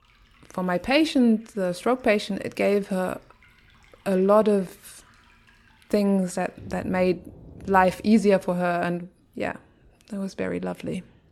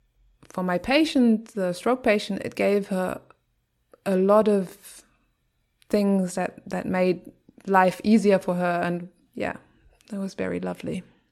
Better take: second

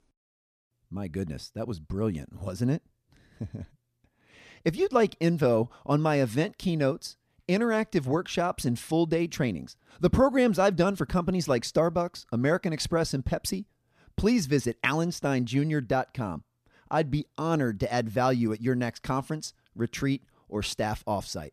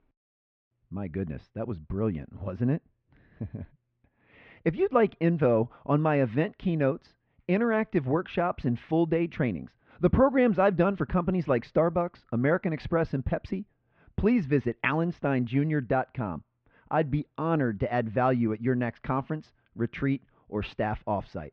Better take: first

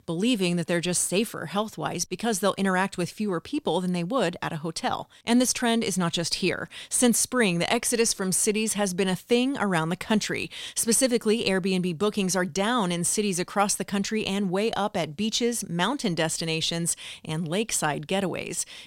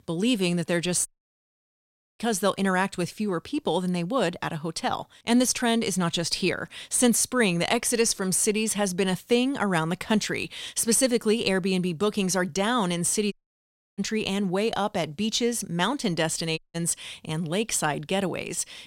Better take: first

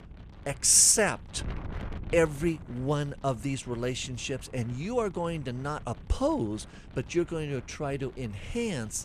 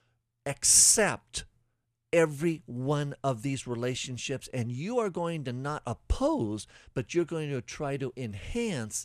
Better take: second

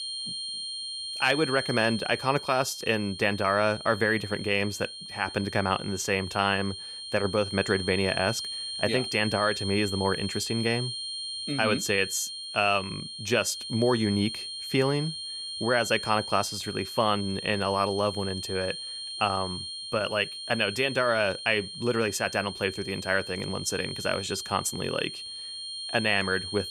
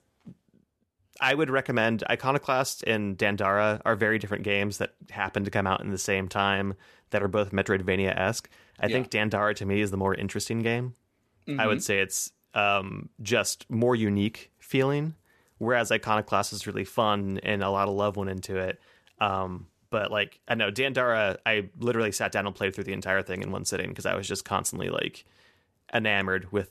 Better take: second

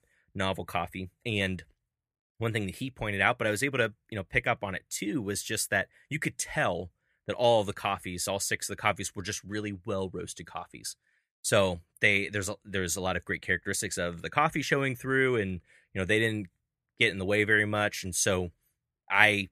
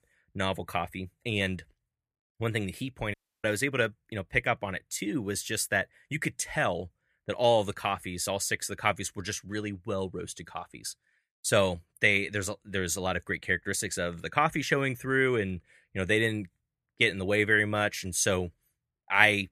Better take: first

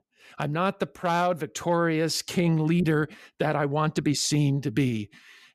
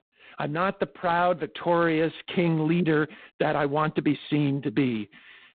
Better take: first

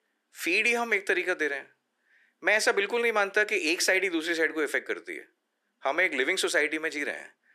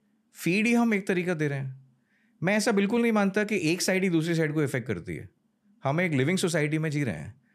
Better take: second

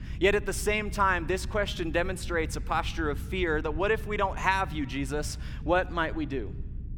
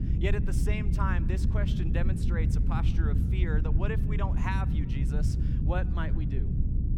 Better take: first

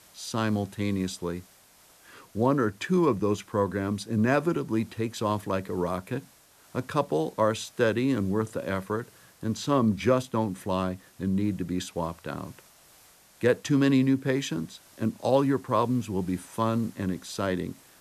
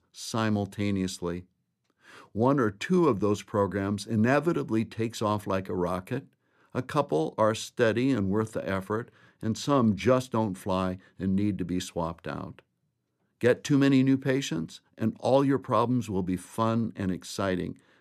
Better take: second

